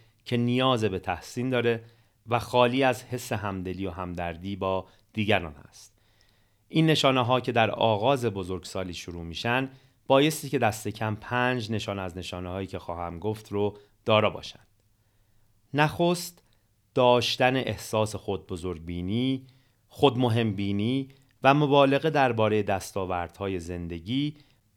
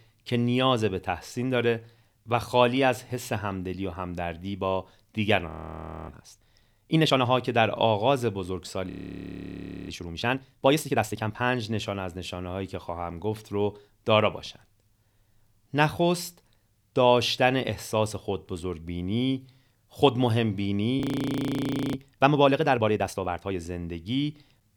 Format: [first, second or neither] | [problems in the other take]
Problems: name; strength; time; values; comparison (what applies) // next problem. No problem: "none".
first | audio freezing; at 5.5 s for 0.5 s, at 9 s for 1 s and at 21 s for 1 s